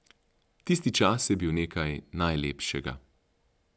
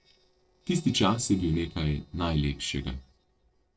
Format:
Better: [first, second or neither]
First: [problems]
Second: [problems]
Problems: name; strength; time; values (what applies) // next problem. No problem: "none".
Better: first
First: none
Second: noise reduction (neural separator model SepFormer DNS4)